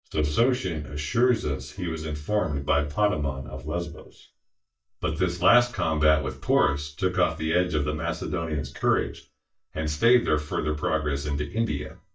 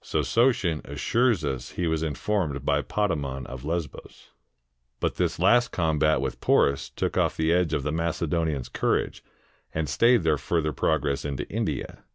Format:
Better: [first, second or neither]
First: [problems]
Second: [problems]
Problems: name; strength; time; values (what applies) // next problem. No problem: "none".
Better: second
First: noise reduction (neural mask model DeepFilterNet 3)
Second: none